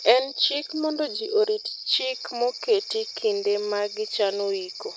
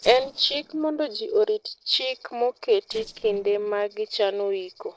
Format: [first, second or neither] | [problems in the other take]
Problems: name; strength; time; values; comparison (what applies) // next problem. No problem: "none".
first | noise reduction (neural separator model SepFormer DNS4)